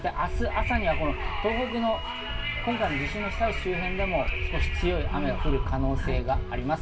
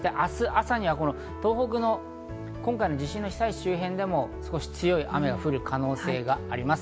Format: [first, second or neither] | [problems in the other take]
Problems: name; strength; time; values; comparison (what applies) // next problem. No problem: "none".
second | background sound (Wind); 1 dB below the speech // room echo; dies away in 0.1 s